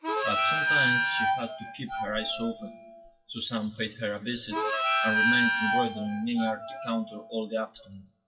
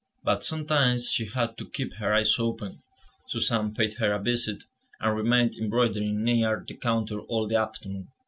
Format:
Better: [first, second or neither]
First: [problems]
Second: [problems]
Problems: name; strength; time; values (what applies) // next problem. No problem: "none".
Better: second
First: noise reduction (classical method WPE with log-MMSE)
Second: none